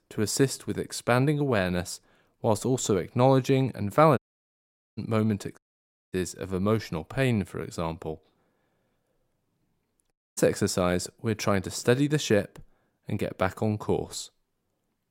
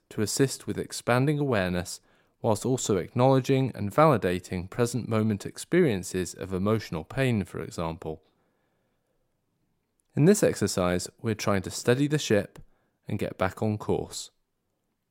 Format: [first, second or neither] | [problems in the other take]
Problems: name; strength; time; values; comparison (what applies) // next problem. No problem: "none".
second | audio cutting out; at 4 s for 1 s, at 5.5 s for 0.5 s and at 10 s